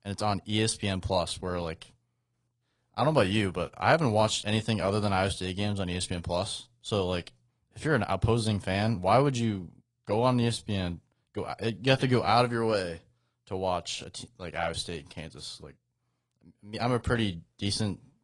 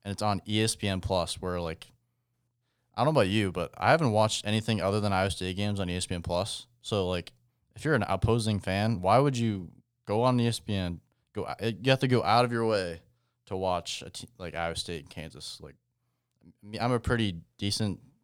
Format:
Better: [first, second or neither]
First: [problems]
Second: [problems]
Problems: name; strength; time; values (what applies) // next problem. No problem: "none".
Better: second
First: garbled, watery; slightly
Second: none